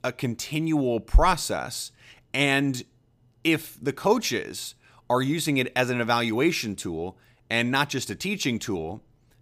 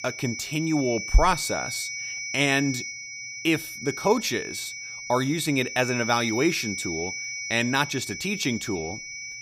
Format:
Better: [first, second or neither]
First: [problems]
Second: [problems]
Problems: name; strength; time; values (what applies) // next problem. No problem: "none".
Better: first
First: none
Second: high-pitched whine; loud; throughout; 2 kHz, 7 dB below the speech